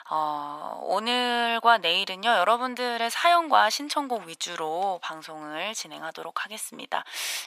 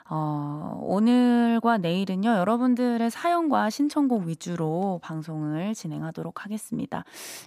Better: second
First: thin; very; fading below 850 Hz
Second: none

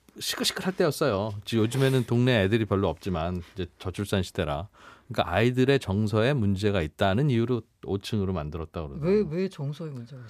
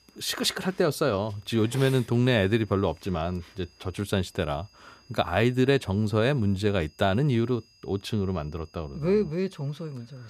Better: first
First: none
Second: high-pitched whine; faint; throughout; 5 kHz, 30 dB below the speech

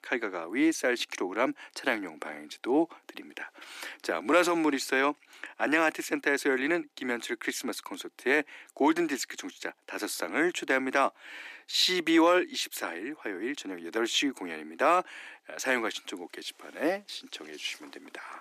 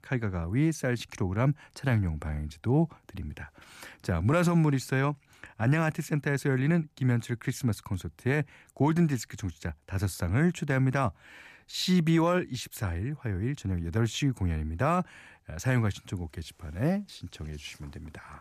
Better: second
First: thin; very; fading below 300 Hz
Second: none

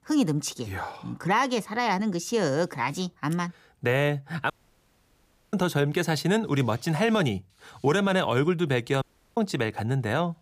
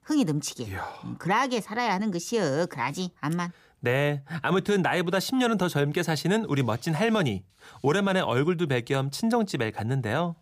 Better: second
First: audio cutting out; at 4.5 s for 1 s and at 9 s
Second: none

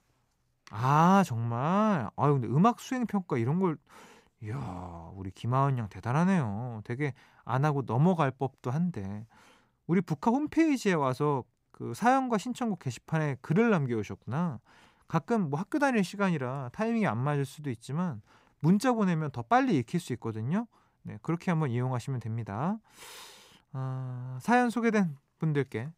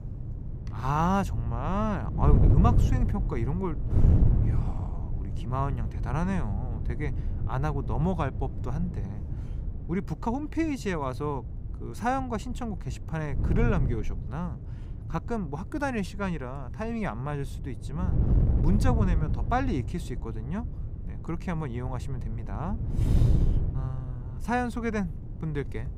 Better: first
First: none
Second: wind noise on the microphone; heavy; 10 dB below the speech

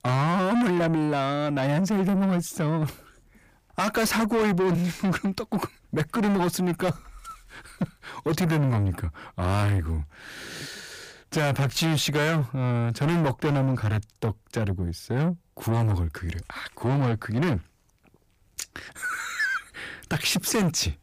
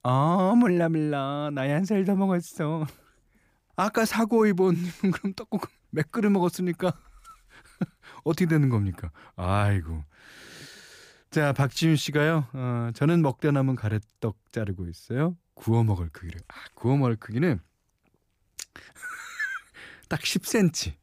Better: second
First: distortion; heavy; 7 dB below the speech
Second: none

